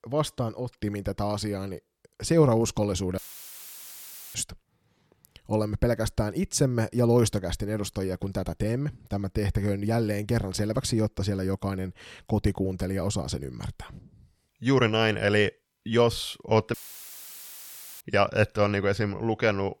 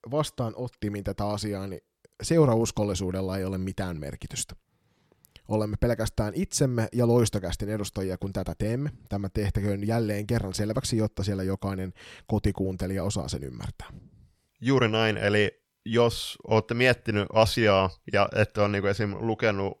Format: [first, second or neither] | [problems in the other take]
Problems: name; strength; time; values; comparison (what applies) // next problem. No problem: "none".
second | audio cutting out; filled with static; at 3 s for 1 s and at 17 s for 1.5 s